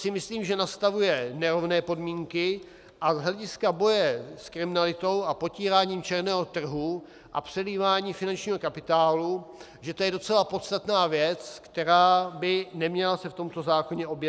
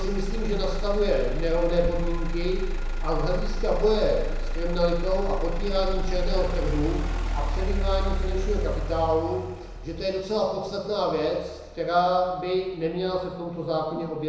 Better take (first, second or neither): first